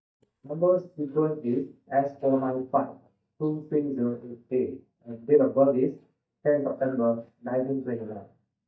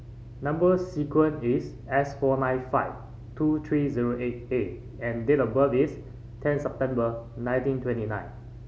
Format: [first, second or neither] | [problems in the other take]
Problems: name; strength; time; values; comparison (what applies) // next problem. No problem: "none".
second | noise reduction (neural mask model DeepFilterNet 3)